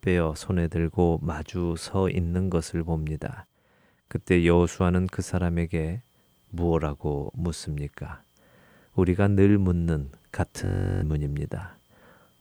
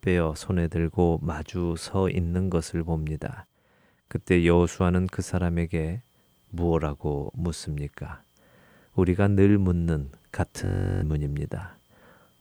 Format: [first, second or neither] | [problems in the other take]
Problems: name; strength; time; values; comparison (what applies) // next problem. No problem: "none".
neither | audio freezing; at 11 s; the same in both